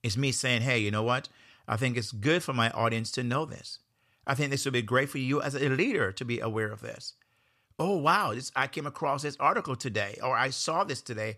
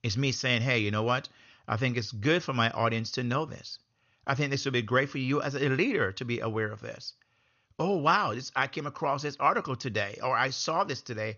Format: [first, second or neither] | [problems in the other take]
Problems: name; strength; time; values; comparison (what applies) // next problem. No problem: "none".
first | garbled, watery; slightly; nothing above 6.5 kHz